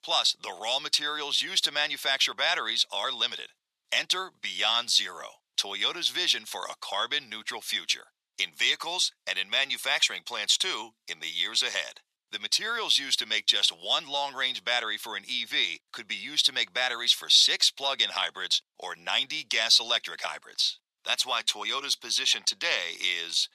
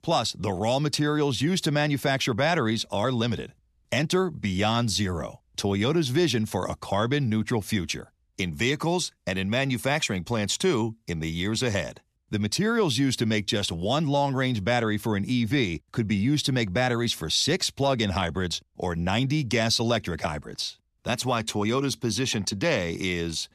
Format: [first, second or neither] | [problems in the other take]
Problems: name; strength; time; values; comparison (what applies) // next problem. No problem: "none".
second | thin; very; fading below 1 kHz